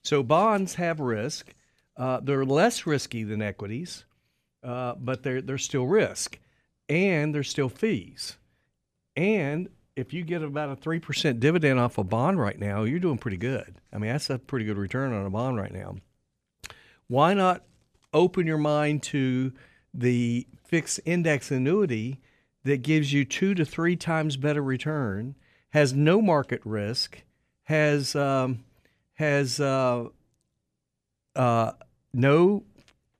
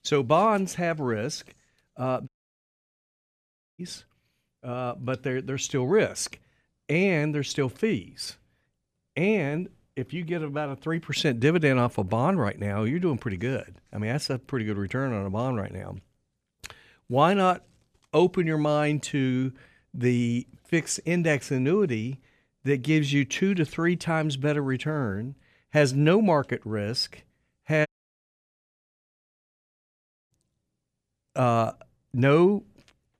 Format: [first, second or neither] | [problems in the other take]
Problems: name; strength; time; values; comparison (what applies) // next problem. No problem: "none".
first | audio cutting out; at 2.5 s for 1.5 s and at 28 s for 2.5 s